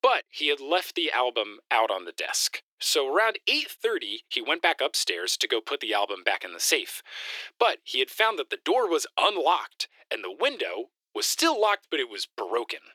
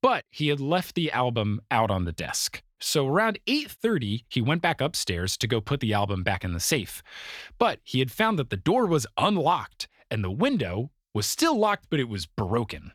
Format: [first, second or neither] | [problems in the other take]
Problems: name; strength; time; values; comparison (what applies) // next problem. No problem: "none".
second | thin; very; fading below 350 Hz